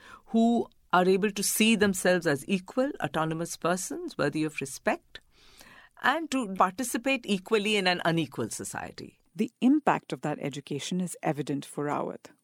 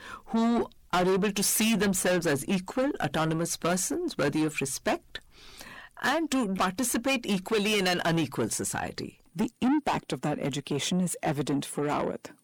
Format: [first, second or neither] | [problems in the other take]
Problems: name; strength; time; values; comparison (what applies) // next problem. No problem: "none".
first | distortion; heavy; 6 dB below the speech